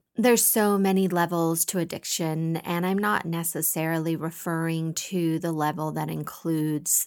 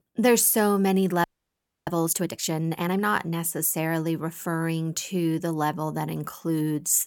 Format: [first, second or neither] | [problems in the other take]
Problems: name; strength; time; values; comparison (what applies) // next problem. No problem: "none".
first | audio freezing; at 1 s for 0.5 s